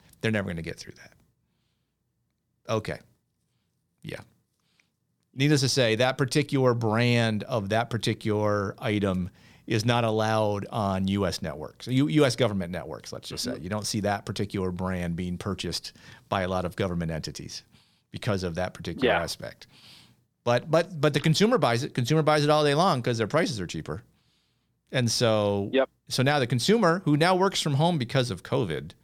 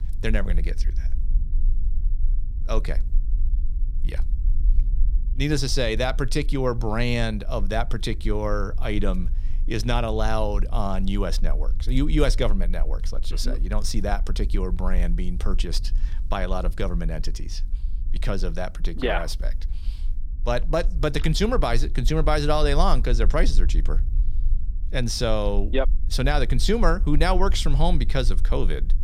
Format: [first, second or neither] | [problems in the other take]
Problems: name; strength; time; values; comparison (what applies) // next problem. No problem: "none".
first | low rumble; faint; throughout; 25 dB below the speech